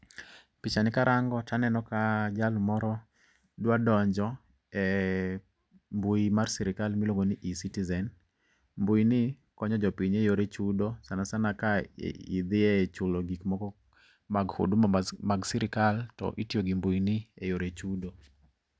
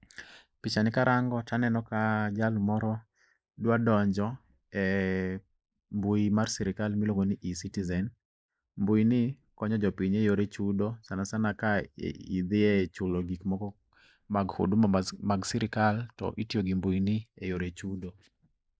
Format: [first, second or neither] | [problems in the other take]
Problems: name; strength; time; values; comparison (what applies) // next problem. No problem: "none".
first | noise reduction (neural mask model Resemble Enhance denoiser)